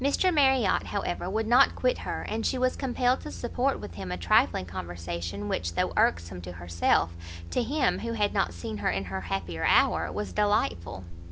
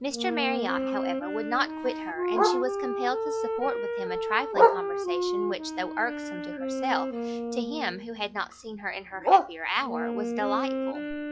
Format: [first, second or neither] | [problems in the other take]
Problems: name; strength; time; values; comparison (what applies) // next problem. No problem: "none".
first | noise reduction (classical method log-MMSE)